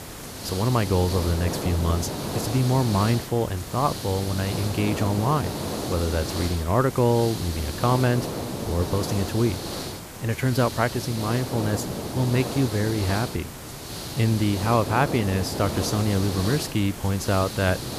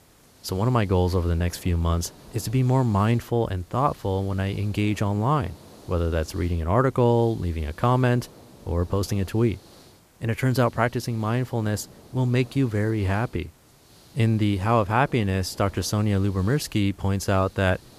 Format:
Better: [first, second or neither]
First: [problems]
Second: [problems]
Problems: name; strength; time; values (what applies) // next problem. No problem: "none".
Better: second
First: hiss; loud; throughout; 6 dB below the speech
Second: hiss; faint; throughout; 25 dB below the speech